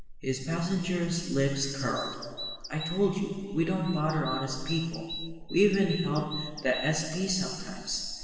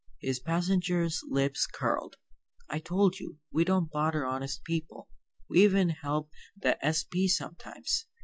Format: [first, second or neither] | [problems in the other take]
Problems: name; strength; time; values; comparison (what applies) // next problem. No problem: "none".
second | background sound (Bird vocalization, bird call, bird song); 12 dB below the speech // room echo; dies away in 1.6 s